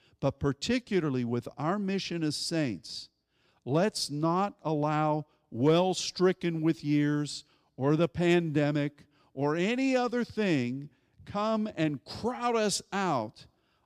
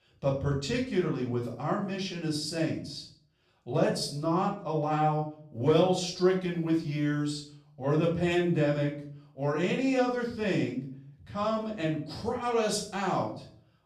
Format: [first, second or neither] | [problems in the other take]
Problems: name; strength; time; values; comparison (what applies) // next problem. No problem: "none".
first | off-mic speech; far // room echo; slight; dies away in 0.4 s